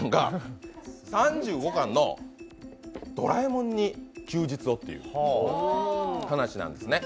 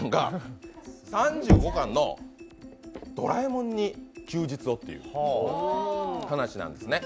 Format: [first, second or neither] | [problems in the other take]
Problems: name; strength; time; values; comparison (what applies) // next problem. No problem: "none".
first | background sound (Knock); 1 dB above the speech